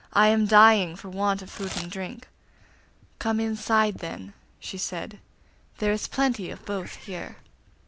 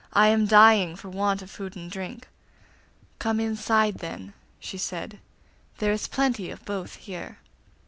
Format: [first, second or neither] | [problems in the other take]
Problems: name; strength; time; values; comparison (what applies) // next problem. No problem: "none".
second | background sound (Packing tape, duct tape / Tearing + Meow / Purr); 17 dB below the speech